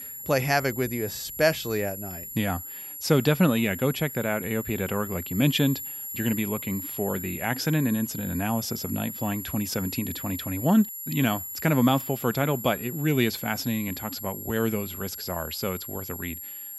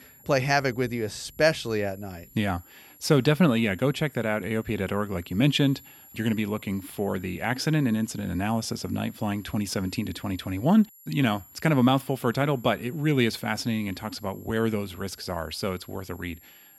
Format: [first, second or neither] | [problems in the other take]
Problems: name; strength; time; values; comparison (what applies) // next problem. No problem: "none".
second | high-pitched whine; loud; throughout; 11.5 kHz, 8 dB below the speech; faint in the second